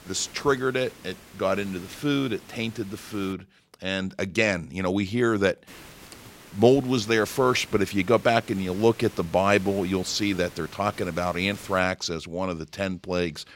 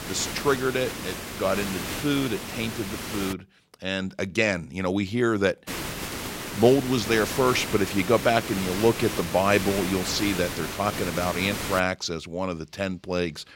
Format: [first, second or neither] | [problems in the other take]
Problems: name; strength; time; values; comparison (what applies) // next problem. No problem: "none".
first | hiss; loud; until 3.5 s and from 5.5 to 12 s; 6 dB below the speech; faint in the first